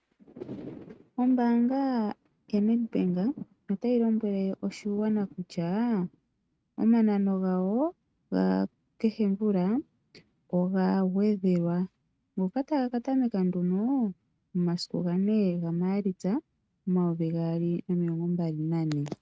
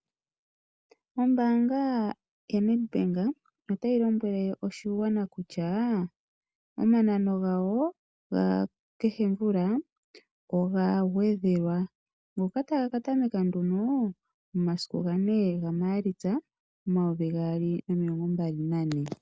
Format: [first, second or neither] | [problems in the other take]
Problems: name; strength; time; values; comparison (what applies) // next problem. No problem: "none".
second | noise reduction (neural mask model RNNoise)